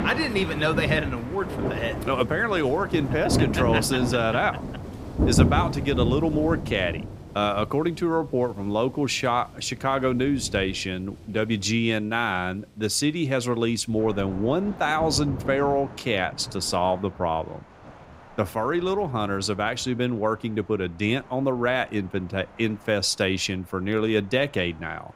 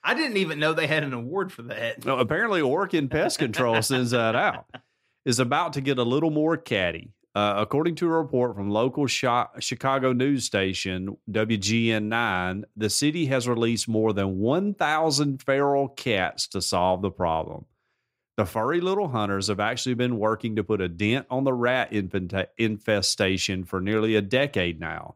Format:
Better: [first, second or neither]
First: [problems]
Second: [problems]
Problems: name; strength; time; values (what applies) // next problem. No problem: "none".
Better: second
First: rain or running water; loud; throughout; 5 dB below the speech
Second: none